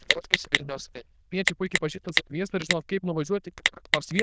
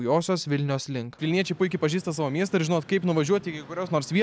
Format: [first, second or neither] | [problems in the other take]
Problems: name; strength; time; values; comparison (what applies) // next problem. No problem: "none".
second | noise reduction (neural diffusion model UNIVERSE++)